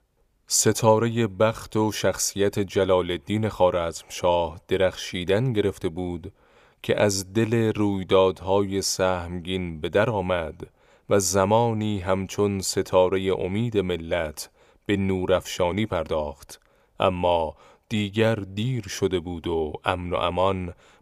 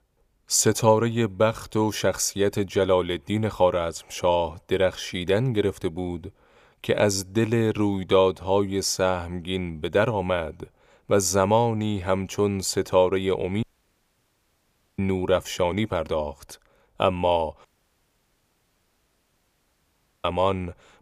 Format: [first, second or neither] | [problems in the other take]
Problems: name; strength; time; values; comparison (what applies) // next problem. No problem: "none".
first | audio cutting out; at 14 s for 1.5 s and at 18 s for 2.5 s